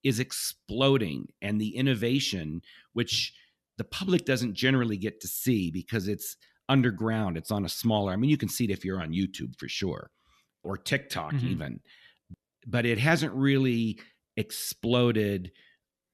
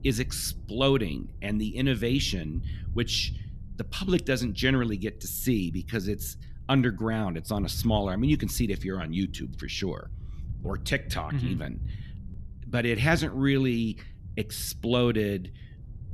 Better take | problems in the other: first | low rumble; faint; throughout; 25 dB below the speech

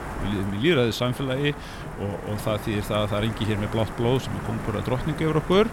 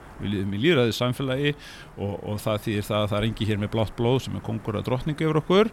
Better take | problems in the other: second | wind noise on the microphone; heavy; 8 dB below the speech; occasional gusts in the second

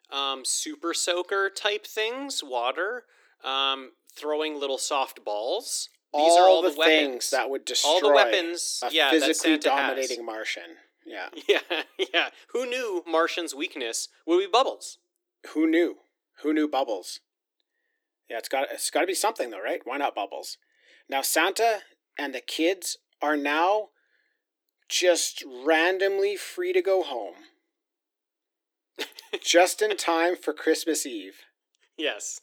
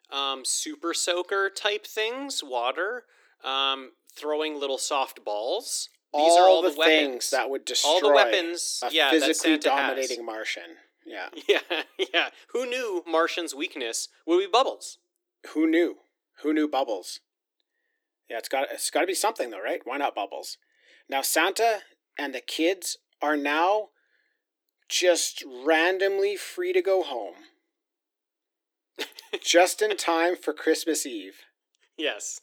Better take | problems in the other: neither | thin; somewhat; fading below 300 Hz; the same in both

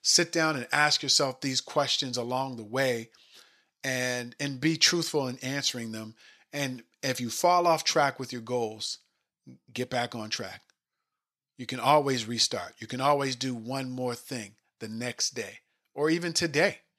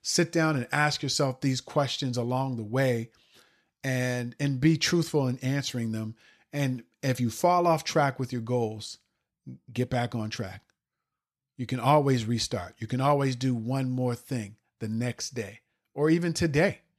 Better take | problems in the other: second | thin; very slightly; fading below 950 Hz

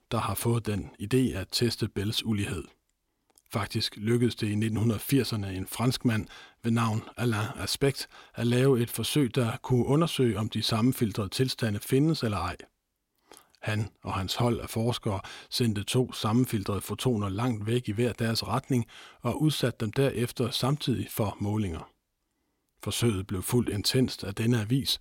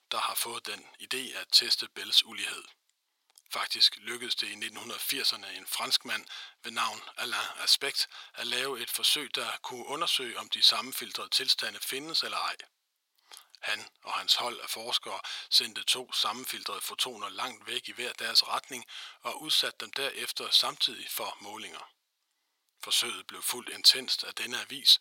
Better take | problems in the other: first | thin; very; fading below 950 Hz

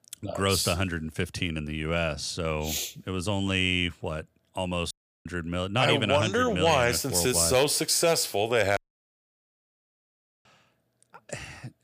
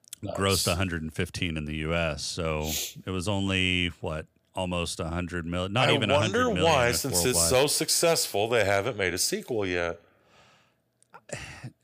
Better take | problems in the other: second | audio cutting out; at 5 s and at 9 s for 1.5 s

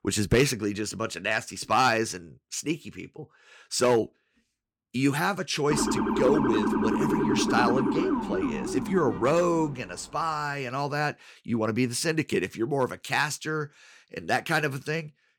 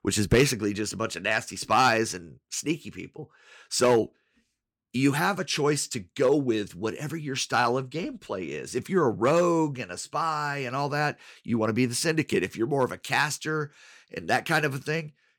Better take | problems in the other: second | siren; loud; from 5.5 to 9.5 s; peak 2 dB above the speech

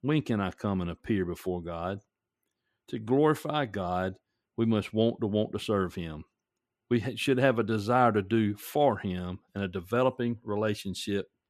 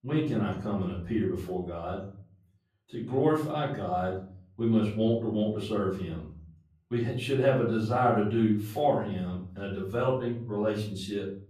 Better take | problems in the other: first | off-mic speech; far // room echo; noticeable; dies away in 0.5 s

